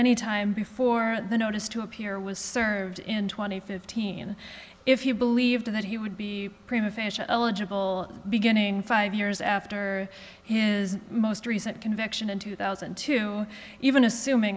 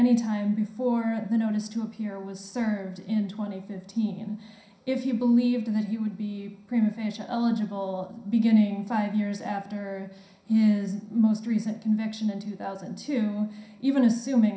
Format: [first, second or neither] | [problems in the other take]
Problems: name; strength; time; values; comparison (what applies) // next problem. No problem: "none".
first | room echo; dies away in 0.5 s